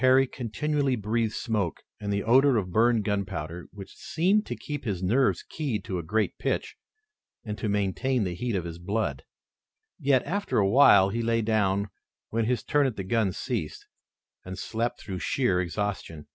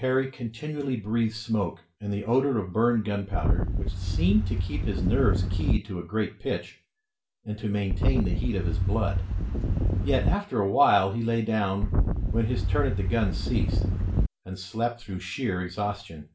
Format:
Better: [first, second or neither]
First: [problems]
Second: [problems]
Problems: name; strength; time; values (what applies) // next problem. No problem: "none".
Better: first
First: none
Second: background sound (Wind); 3 dB above the speech // room echo; dies away in 0.3 s